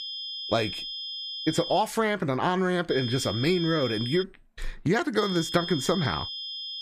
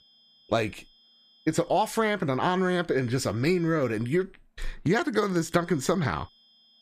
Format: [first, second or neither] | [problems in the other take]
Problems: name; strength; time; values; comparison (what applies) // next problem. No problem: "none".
second | high-pitched whine; loud; until 2 s, from 3 to 4 s and from 5 s on; 3 kHz, 6 dB below the speech; faint in the second